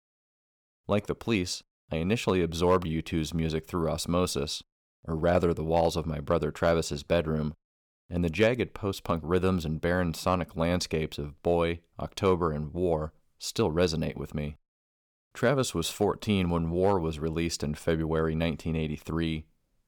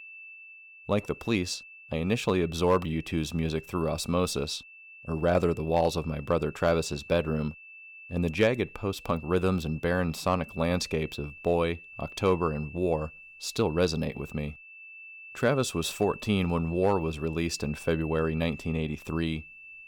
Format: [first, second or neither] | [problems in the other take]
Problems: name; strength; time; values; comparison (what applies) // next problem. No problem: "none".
first | high-pitched whine; noticeable; throughout; 2.5 kHz, 15 dB below the speech